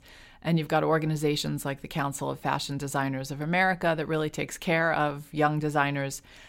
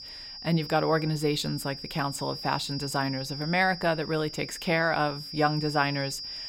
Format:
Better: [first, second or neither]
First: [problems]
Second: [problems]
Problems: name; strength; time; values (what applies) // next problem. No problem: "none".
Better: first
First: none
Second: high-pitched whine; loud; throughout; 5 kHz, 9 dB below the speech